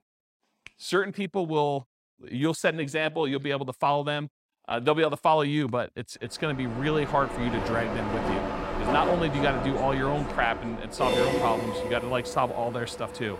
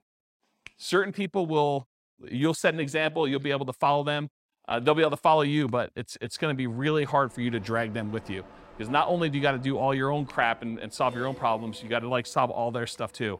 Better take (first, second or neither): second